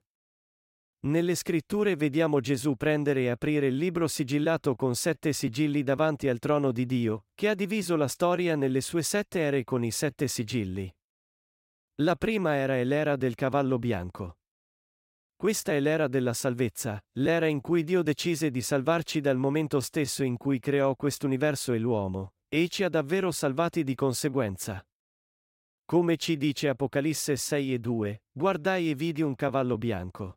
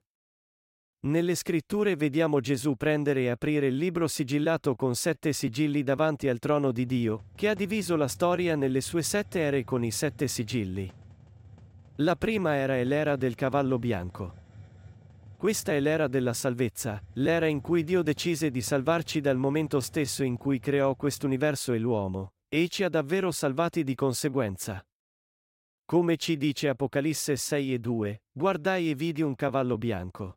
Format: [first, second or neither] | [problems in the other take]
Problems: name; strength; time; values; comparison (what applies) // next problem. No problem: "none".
first | hiss; faint; from 7 to 21 s; 25 dB below the speech